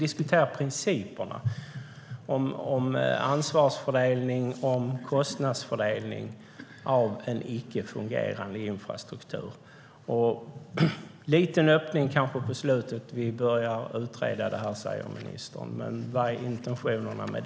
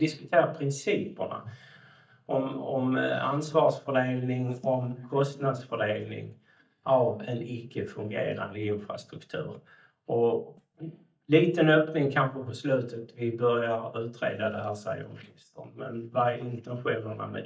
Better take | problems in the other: first | noise reduction (neural mask model DeepFilterNet 3)

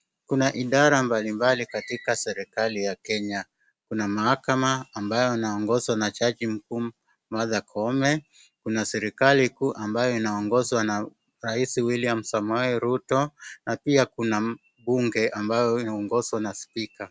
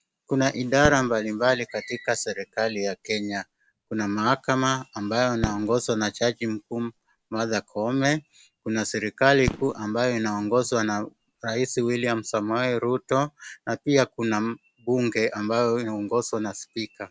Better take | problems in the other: first | background sound (Fireworks); 15 dB below the speech

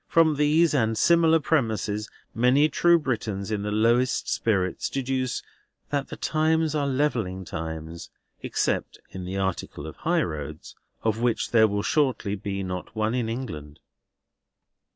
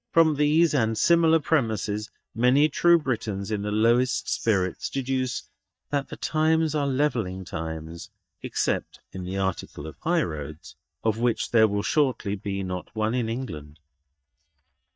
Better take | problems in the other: first | noise reduction (neural mask model DeepFilterNet 3)

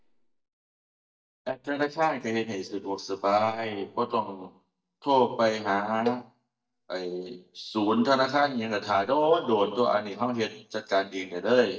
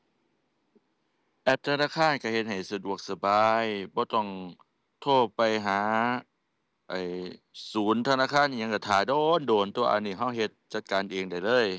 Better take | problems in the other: second | noise reduction (neural mask model DeepFilterNet 3)

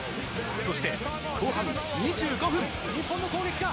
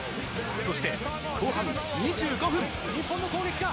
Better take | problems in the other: second | background sound (Guitar); 20 dB below the speech

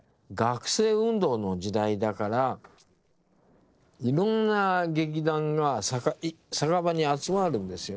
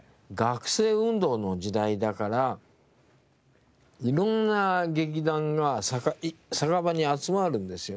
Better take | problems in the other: second | noise reduction (neural separator model SepFormer DNS4)

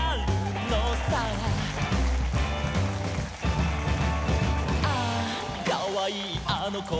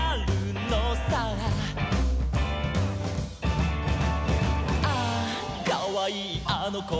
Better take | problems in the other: second | background sound (Applause / Crowd); 13 dB below the speech

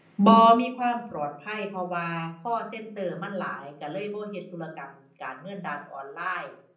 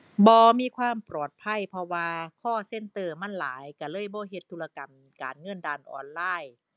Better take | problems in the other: second | room echo; dies away in 0.6 s

